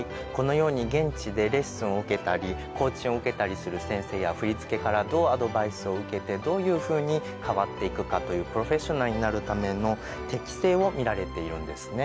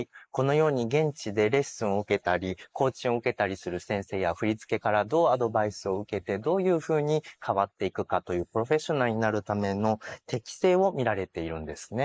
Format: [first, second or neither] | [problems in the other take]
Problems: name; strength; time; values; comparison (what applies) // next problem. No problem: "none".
first | noise reduction (neural mask model Resemble Enhance denoiser)